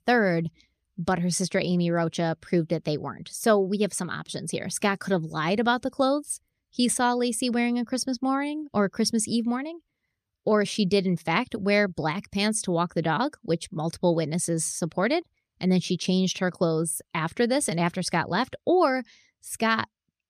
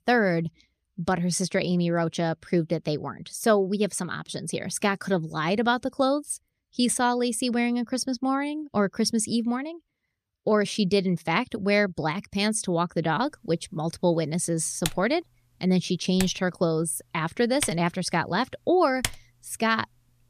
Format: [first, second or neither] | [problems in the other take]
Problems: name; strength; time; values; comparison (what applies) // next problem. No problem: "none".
first | keyboard typing; noticeable; from 15 to 19 s; peak 6 dB below the speech